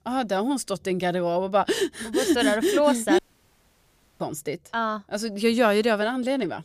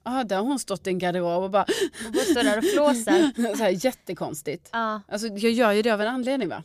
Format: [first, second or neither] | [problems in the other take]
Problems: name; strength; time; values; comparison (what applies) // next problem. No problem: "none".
second | audio cutting out; at 3 s for 1 s